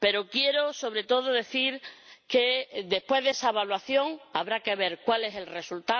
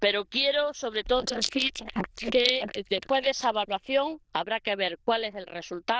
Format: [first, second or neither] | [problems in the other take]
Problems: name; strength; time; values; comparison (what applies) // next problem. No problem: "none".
first | noise reduction (neural diffusion model UNIVERSE++)